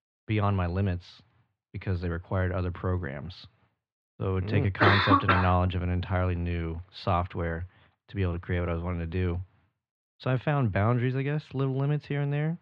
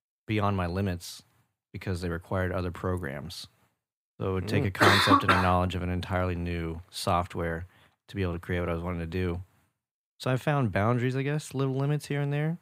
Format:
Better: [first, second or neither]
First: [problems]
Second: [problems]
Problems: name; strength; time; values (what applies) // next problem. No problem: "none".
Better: second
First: muffled; very slightly; fading above 3.5 kHz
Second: none